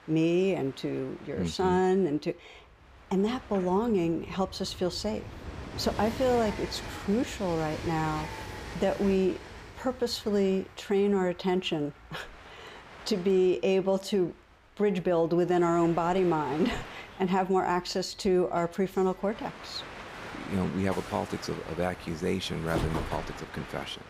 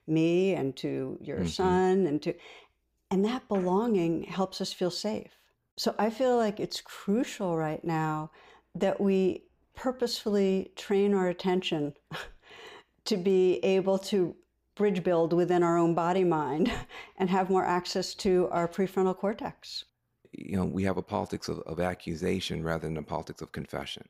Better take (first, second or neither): second